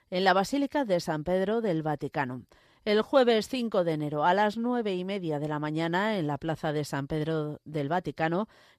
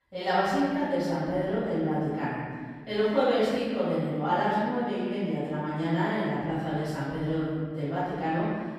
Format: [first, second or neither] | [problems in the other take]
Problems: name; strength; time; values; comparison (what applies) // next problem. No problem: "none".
first | off-mic speech; far // room echo; strong; dies away in 1.9 s